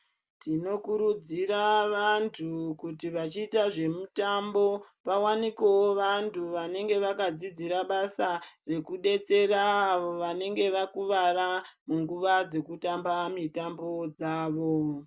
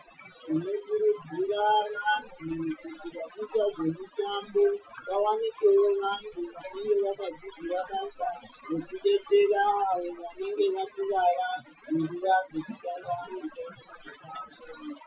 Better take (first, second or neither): first